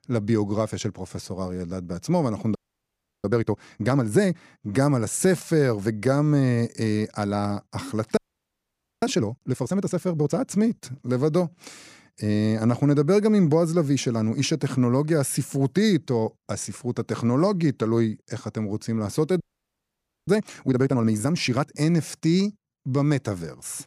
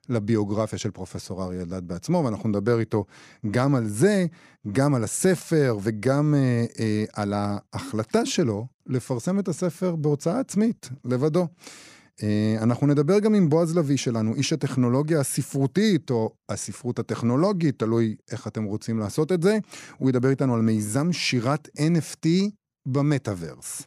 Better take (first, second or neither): second